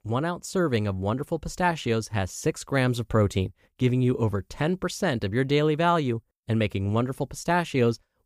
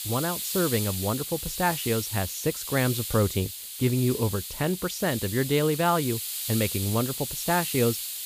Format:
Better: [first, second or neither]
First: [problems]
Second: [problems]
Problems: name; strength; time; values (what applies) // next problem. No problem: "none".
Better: first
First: none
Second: hiss; loud; throughout; 4 dB below the speech